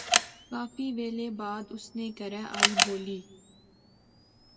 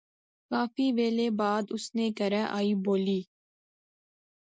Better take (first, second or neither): second